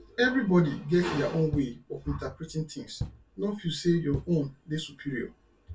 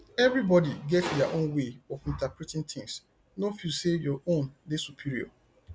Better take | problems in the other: second | background sound (Knock); 13 dB below the speech // room echo; dies away in 0.2 s

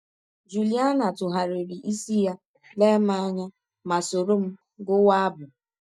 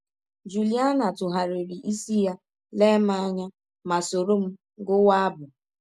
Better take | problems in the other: second | noise reduction (neural mask model DeepFilterNet 3)

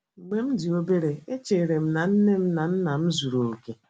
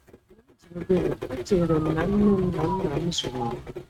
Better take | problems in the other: first | noise reduction (neural mask model RNNoise)

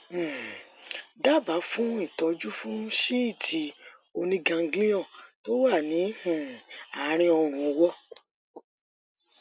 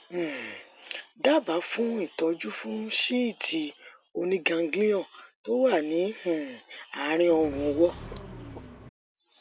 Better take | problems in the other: first | background sound (Accelerating, revving, vroom); 13 dB below the speech

